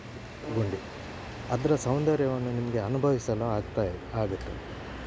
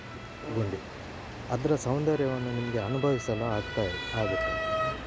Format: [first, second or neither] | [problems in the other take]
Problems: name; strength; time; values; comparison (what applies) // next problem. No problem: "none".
first | background sound (Motor vehicle (road) / Siren); 6 dB below the speech